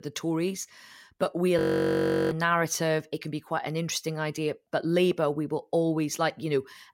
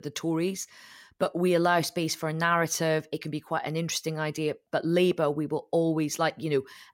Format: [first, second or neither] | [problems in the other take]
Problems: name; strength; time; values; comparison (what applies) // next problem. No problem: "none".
second | audio freezing; at 1.5 s for 0.5 s